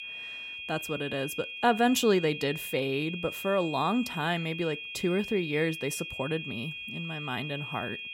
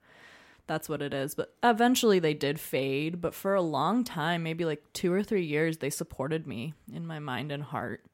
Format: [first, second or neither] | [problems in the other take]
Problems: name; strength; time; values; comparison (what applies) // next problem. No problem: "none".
second | high-pitched whine; loud; throughout; 2.5 kHz, 7 dB below the speech